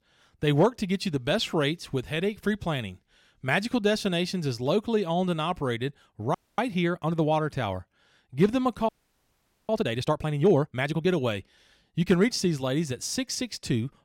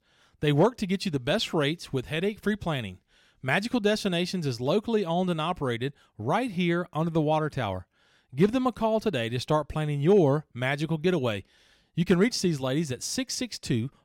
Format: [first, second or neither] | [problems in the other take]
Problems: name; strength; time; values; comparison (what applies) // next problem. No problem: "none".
second | audio freezing; at 6.5 s and at 9 s for 1 s